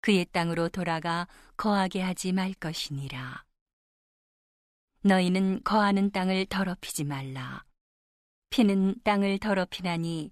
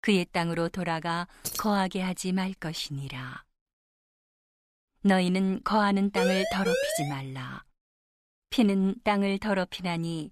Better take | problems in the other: first | jangling keys; noticeable; at 1.5 s; peak 6 dB below the speech // siren; loud; at 6 s; peak level with the speech

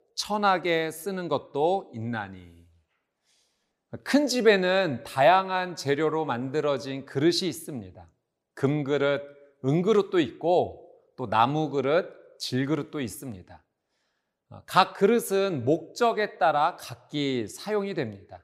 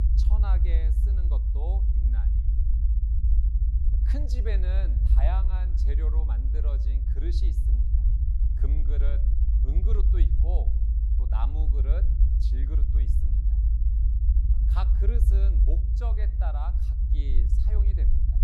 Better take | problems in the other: first | low rumble; loud; throughout; 2 dB below the speech

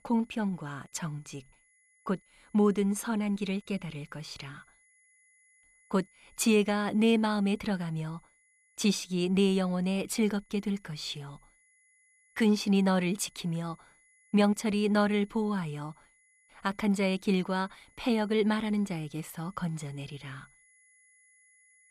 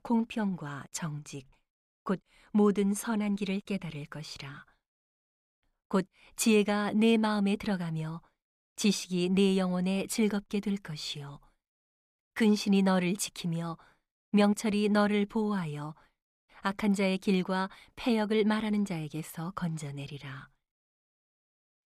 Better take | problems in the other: second | high-pitched whine; faint; throughout; 2 kHz, 35 dB below the speech

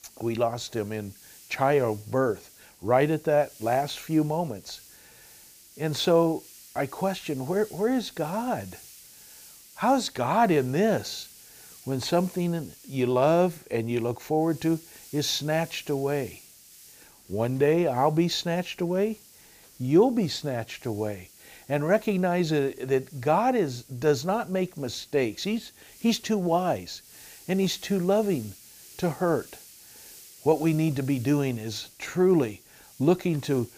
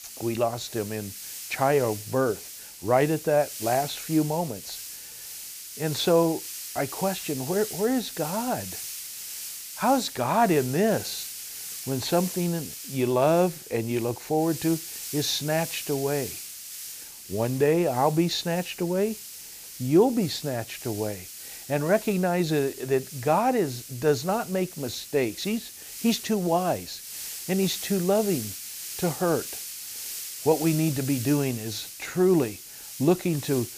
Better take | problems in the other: first | hiss; loud; throughout; 10 dB below the speech; faint in the first

